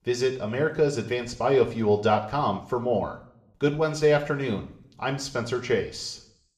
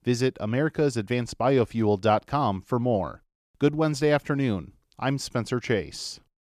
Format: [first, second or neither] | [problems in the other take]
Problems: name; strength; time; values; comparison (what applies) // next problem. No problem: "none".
second | room echo; very slight; dies away in 0.5 s